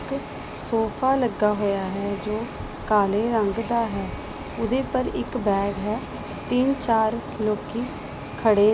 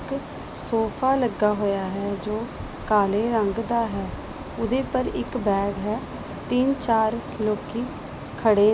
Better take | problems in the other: second | background sound (Domestic sounds, home sounds + Wind instrument, woodwind instrument); 19 dB below the speech

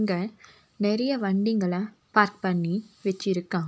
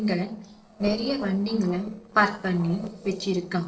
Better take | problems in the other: first | noise reduction (neural separator model SepFormer DNS4)

